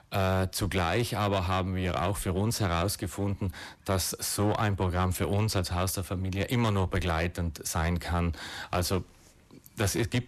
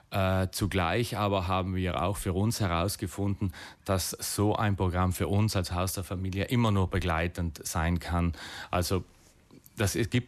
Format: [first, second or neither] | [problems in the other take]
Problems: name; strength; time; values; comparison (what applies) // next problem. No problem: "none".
second | distortion; slight; 11% of the sound clipped